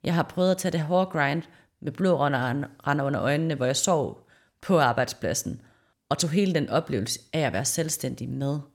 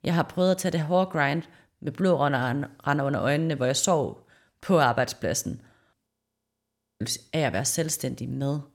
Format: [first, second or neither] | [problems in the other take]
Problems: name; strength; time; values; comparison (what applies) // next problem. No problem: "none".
first | audio freezing; at 6 s for 1 s